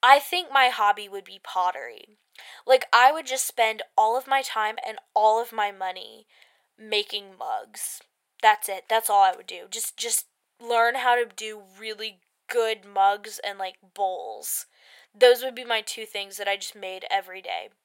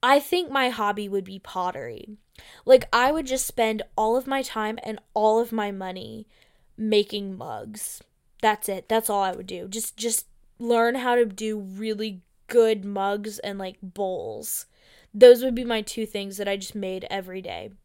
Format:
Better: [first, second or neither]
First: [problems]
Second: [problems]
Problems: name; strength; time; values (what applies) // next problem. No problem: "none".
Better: second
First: thin; very; fading below 800 Hz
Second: none